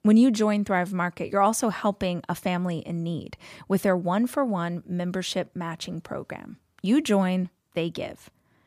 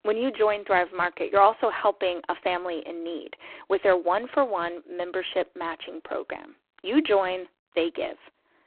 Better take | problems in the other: first | phone-call audio; poor line

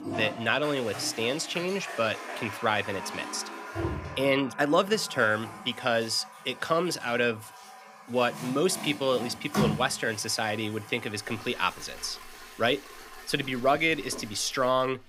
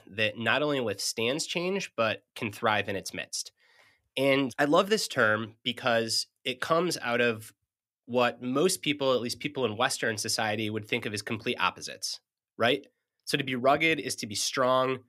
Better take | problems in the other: second | household noises; noticeable; throughout; 10 dB below the speech

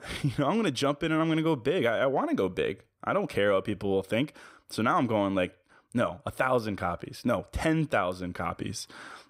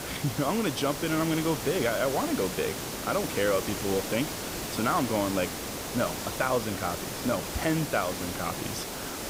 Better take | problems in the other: first | hiss; loud; throughout; 4 dB below the speech

